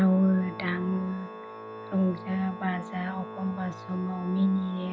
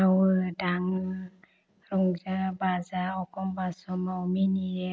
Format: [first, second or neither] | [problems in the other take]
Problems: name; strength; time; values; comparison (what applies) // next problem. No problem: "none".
second | background sound (Organ); 13 dB below the speech // room echo; dies away in 0.5 s